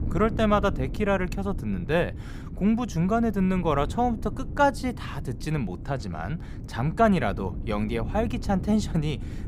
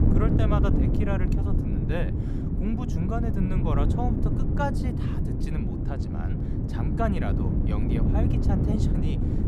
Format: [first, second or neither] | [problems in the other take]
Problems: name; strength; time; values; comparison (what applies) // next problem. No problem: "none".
first | wind noise on the microphone; heavy; 1 dB below the speech; occasional gusts in the first